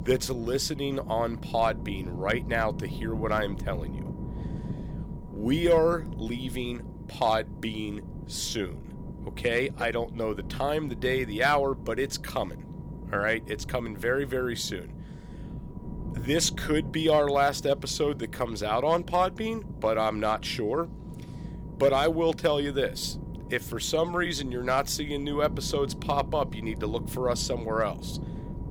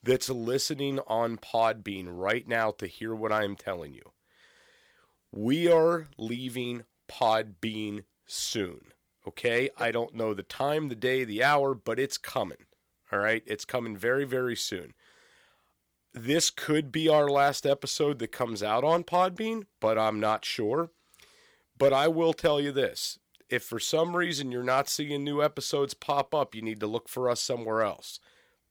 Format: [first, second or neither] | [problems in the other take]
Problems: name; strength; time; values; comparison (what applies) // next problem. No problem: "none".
second | low rumble; noticeable; throughout; 20 dB below the speech